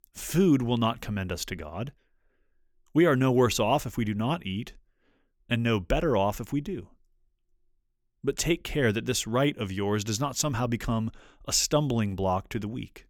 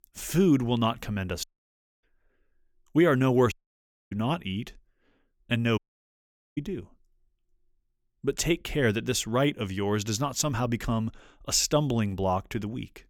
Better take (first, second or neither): first